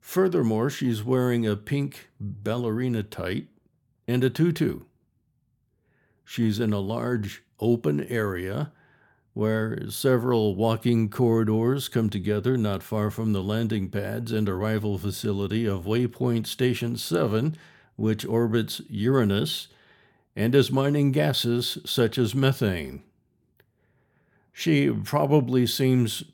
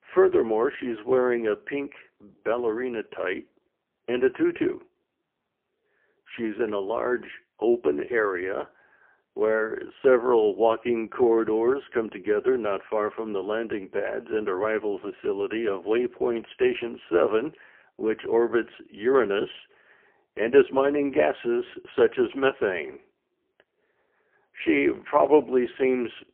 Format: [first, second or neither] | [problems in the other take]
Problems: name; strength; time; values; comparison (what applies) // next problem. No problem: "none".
first | phone-call audio; poor line; nothing above 3 kHz